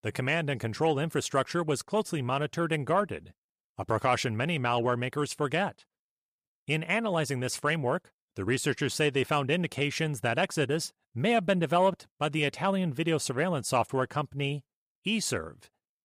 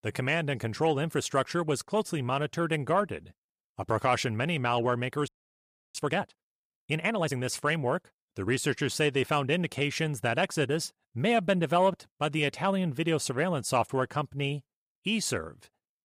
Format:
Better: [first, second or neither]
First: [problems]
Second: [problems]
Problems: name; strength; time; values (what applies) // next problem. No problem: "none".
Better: first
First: none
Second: audio freezing; at 5.5 s for 0.5 s